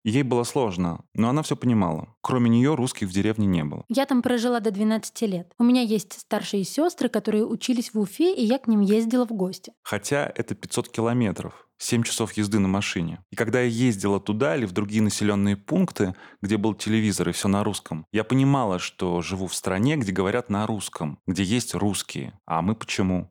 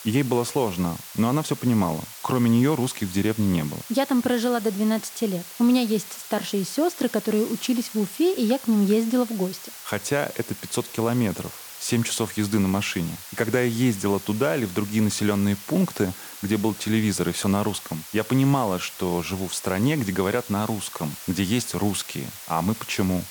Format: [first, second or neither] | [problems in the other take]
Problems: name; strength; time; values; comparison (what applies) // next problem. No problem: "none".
first | hiss; noticeable; throughout; 15 dB below the speech